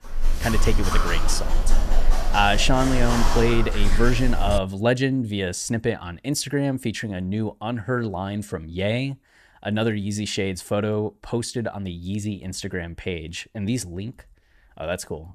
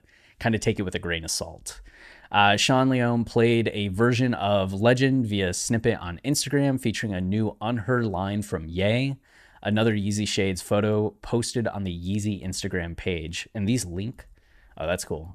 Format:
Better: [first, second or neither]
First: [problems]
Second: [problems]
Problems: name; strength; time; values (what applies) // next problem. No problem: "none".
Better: second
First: dog barking; loud; until 4.5 s; peak 1 dB above the speech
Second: none